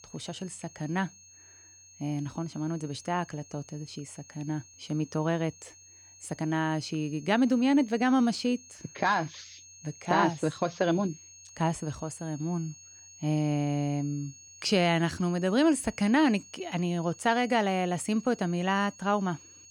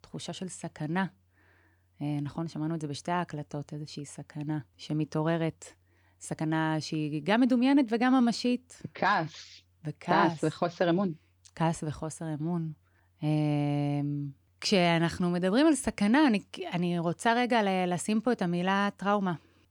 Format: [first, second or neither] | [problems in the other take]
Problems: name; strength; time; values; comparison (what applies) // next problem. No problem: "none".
second | high-pitched whine; faint; throughout; 6.5 kHz, 20 dB below the speech